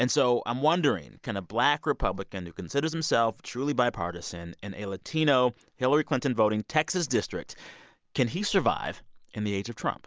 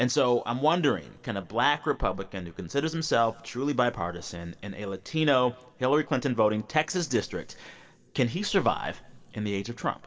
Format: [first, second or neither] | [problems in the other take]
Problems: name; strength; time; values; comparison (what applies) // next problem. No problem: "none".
first | room echo; dies away in 1.6 s